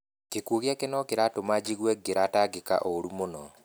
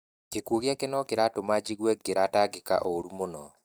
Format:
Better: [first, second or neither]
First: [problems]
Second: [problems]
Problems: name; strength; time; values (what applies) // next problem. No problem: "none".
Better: first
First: none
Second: noise reduction (neural mask model DeepFilterNet 3)